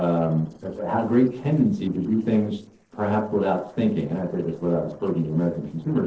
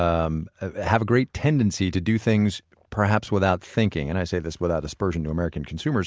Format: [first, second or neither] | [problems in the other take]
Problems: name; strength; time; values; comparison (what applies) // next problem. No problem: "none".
second | noise reduction (neural separator model SepFormer DNS4)